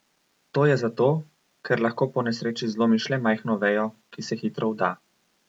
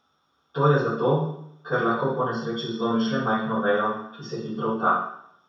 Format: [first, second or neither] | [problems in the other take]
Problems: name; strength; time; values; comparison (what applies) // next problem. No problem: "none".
first | room echo; dies away in 0.7 s